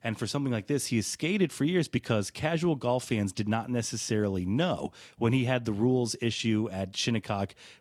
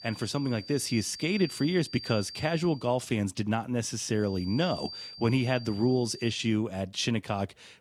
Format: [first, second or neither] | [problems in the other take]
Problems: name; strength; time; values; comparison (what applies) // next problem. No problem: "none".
first | high-pitched whine; noticeable; until 3 s and from 4 to 6.5 s; 4.5 kHz, 15 dB below the speech